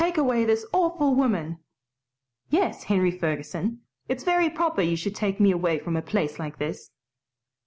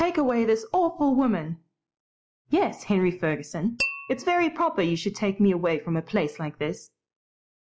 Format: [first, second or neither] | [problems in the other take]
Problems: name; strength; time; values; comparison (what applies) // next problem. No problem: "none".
first | noise reduction (classical method log-MMSE)